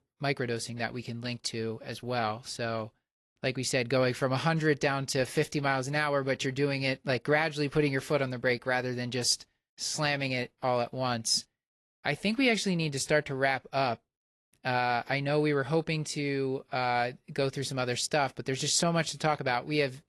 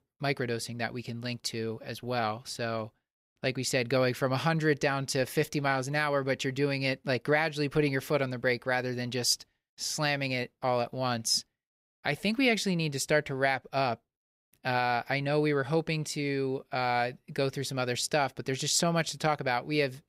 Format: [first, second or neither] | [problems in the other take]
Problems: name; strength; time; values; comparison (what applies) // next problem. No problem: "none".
second | garbled, watery; slightly; nothing above 11.5 kHz